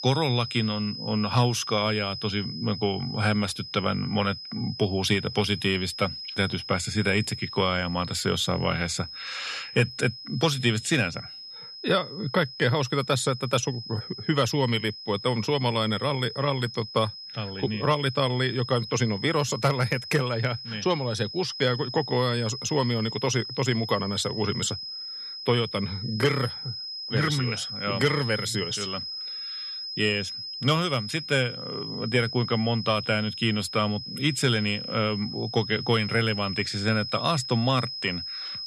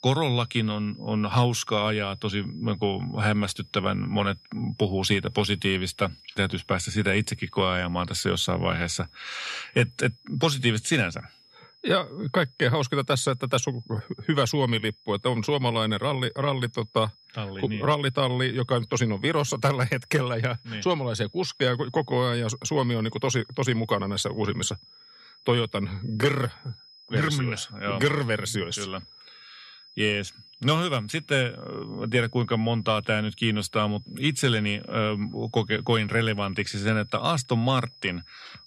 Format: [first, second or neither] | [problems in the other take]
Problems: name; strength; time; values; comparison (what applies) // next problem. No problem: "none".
second | high-pitched whine; loud; throughout; 5 kHz, 8 dB below the speech; faint in the second